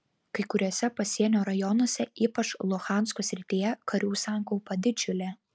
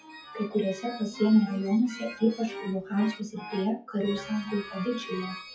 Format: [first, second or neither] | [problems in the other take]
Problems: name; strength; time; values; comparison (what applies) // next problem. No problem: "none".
first | noise reduction (classical method WPE with log-MMSE)